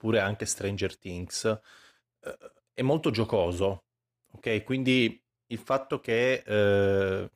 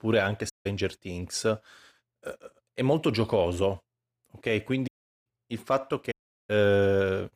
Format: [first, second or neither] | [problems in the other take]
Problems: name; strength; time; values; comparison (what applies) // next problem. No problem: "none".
first | audio cutting out; at 0.5 s, at 5 s and at 6 s